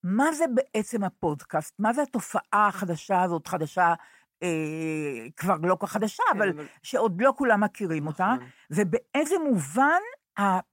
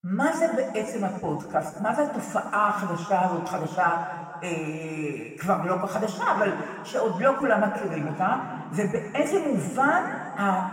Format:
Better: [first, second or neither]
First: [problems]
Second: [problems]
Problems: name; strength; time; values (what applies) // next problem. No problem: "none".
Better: first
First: none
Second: room echo; noticeable; dies away in 2.2 s // off-mic speech; somewhat distant